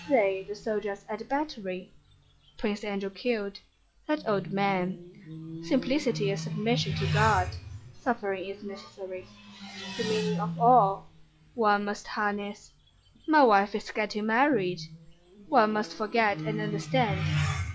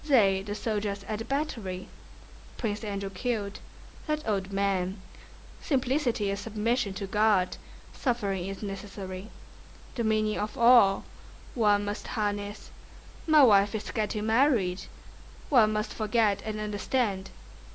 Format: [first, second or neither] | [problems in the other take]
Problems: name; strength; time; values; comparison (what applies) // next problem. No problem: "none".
second | noise reduction (classical method log-MMSE)